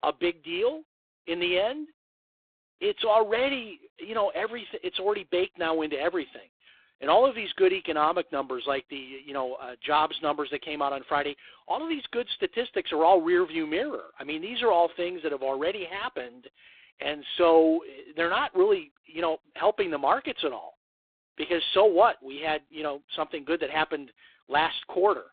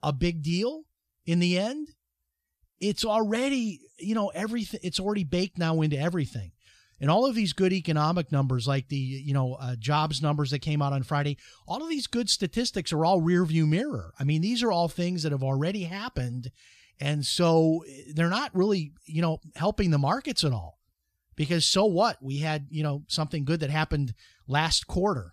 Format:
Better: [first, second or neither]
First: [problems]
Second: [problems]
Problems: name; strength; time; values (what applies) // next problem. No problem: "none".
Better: second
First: phone-call audio; poor line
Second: none